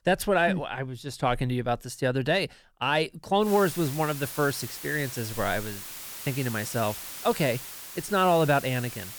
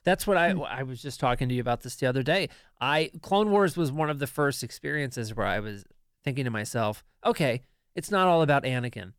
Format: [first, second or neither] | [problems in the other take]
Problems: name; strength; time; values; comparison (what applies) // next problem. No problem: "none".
second | hiss; loud; from 3.5 s on; 10 dB below the speech